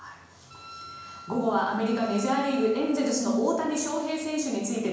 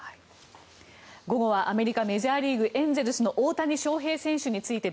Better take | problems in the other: second | background sound (Wind instrument, woodwind instrument); 18 dB below the speech // room echo; dies away in 1 s

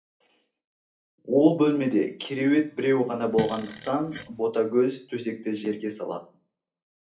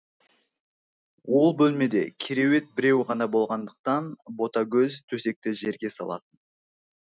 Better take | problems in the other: second | background sound (Fart); 11 dB below the speech // room echo; dies away in 0.3 s

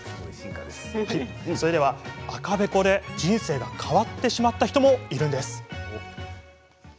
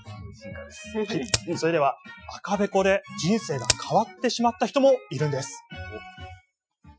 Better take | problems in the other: first | noise reduction (classical method Wiener filter)

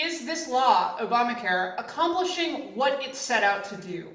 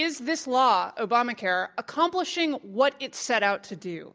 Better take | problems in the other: second | room echo; dies away in 0.8 s

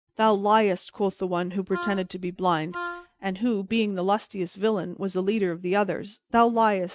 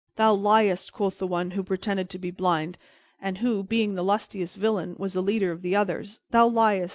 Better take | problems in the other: second | noise reduction (neural mask model RNNoise)

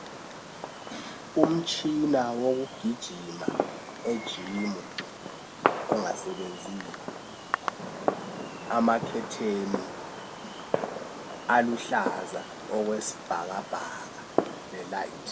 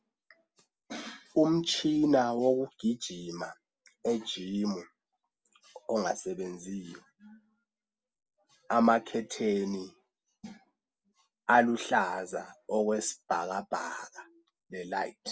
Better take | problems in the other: second | background sound (Fireworks); 3 dB below the speech

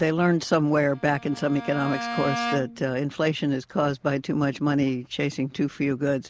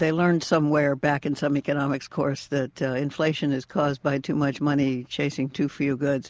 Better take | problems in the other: second | background sound (Bowed string instrument); 10 dB below the speech

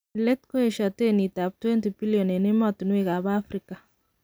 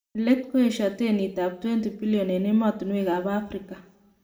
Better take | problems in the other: first | room echo; dies away in 0.7 s

